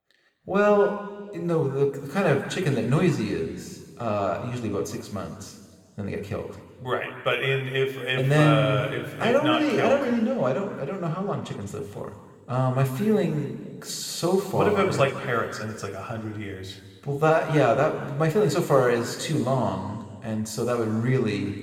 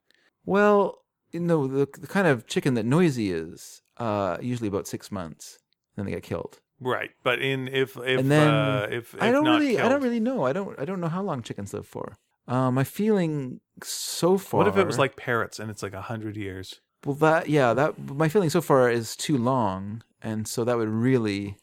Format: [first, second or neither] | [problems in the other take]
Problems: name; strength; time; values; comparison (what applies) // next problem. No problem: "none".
second | room echo; noticeable; dies away in 1.8 s // off-mic speech; somewhat distant